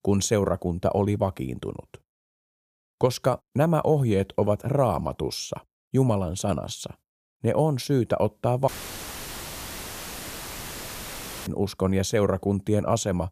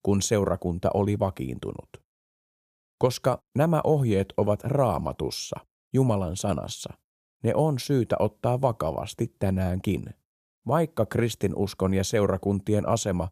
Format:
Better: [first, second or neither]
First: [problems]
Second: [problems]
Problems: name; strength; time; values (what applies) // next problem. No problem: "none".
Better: second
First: audio cutting out; filled with static; at 8.5 s for 3 s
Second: none